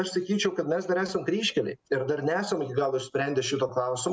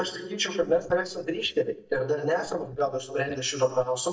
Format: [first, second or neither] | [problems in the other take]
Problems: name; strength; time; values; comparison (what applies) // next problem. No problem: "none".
first | noise reduction (neural mask model DeepFilterNet 3)